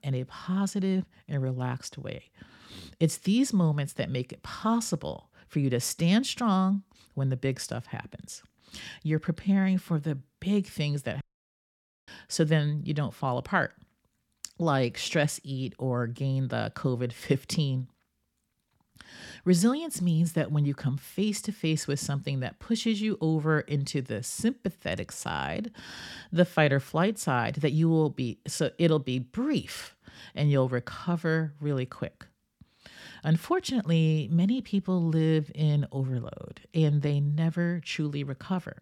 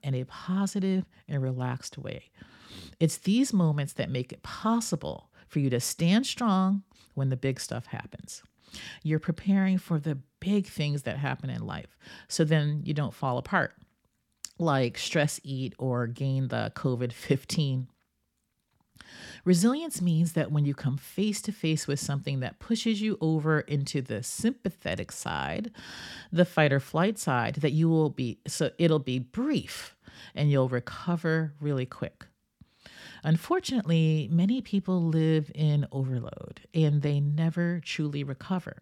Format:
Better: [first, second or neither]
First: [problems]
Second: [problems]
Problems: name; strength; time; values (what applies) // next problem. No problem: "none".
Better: second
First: audio cutting out; at 11 s for 1 s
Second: none